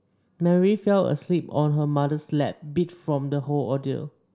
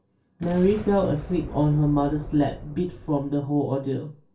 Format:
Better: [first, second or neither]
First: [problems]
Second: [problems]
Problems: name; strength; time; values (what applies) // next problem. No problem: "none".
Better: first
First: none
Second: background sound (Boom); 15 dB below the speech // room echo; dies away in 0.2 s